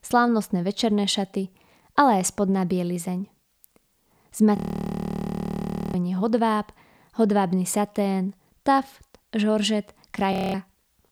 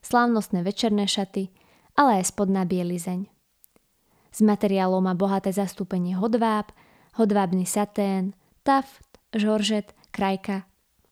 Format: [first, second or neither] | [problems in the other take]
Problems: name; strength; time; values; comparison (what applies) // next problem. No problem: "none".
second | audio freezing; at 4.5 s for 1.5 s and at 10 s